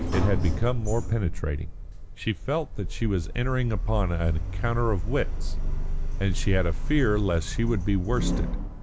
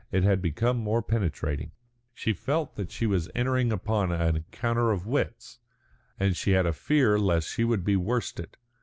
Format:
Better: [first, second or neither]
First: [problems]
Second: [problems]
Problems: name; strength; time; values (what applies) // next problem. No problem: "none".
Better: second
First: background sound (Sliding door); as loud as the speech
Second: none